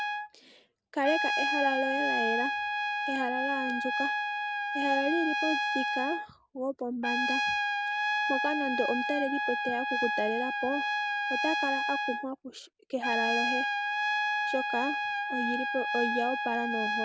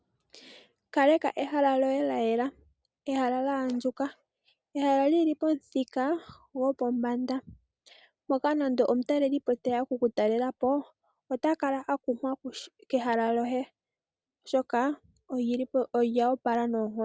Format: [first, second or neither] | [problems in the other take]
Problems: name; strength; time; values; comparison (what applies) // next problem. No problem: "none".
second | background sound (Trumpet); 3 dB above the speech